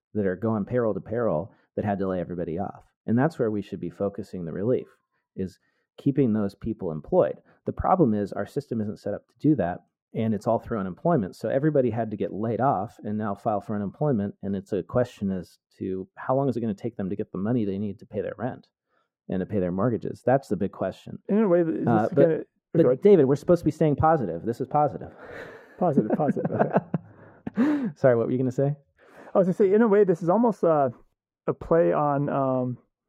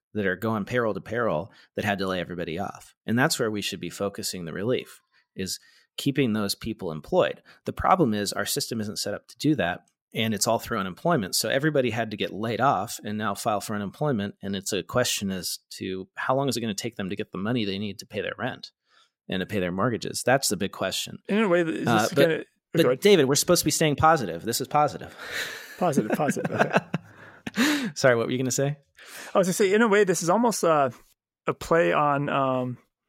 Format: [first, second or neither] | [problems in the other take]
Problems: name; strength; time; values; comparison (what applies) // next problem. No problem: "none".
second | muffled; very; fading above 2 kHz